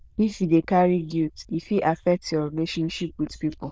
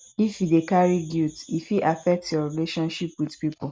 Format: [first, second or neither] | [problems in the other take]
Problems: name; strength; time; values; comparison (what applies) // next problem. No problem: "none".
second | noise reduction (neural diffusion model UNIVERSE++)